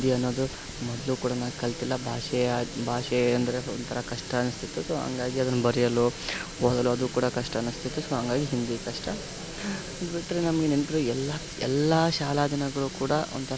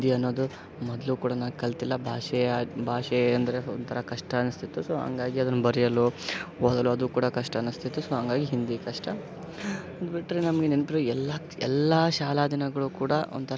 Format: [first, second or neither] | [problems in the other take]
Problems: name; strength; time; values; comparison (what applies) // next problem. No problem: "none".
second | background sound (Water tap, faucet); 13 dB below the speech